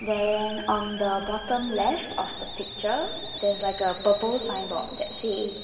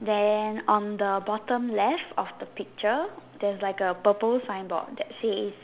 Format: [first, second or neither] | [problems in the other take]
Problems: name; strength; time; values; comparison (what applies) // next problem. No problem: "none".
second | background sound (Hiss); 11 dB below the speech // room echo; dies away in 1.7 s